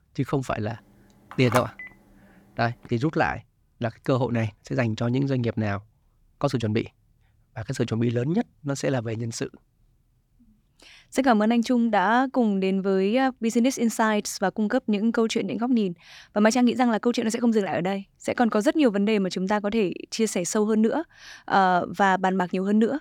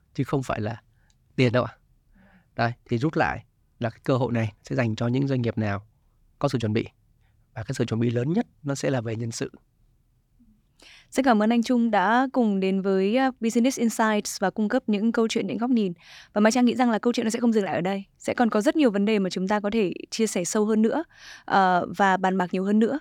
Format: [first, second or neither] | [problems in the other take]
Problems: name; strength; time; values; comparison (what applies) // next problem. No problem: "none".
second | phone ringing; noticeable; at 1.5 s; peak 5 dB below the speech